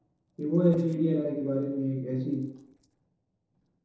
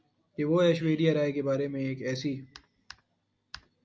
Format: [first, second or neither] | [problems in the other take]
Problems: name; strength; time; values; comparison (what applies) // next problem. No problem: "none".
second | noise reduction (neural separator model SepFormer DNS4)